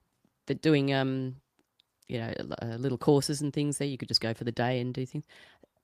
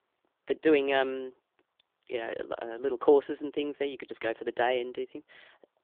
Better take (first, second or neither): first